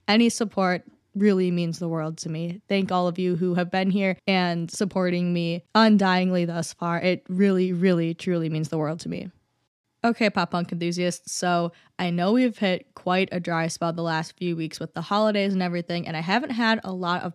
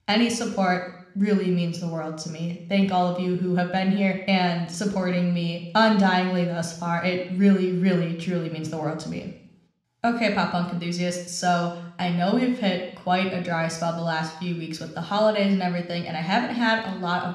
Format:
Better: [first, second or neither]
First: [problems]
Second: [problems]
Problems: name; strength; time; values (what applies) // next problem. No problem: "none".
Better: first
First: none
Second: room echo; slight; dies away in 0.7 s